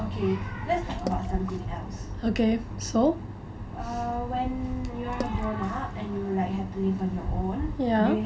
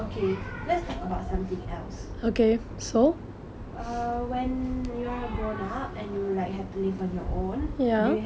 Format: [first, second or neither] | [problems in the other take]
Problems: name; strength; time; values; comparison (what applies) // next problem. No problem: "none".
second | background sound (Water / Splash, splatter); 17 dB below the speech // room echo; dies away in 0.2 s